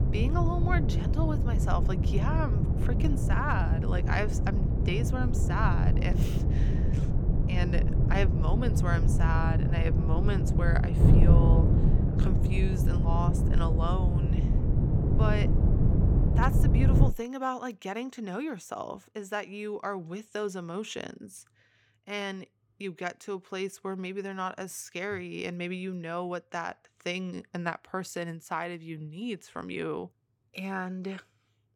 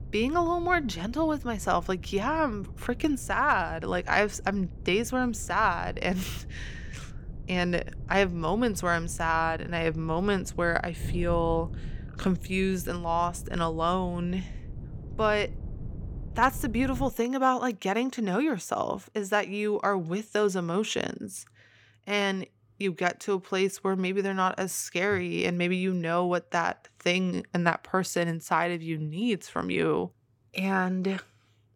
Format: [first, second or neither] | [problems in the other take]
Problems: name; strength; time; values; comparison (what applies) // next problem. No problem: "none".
second | wind noise on the microphone; heavy; until 17 s; 2 dB below the speech; occasional gusts in the second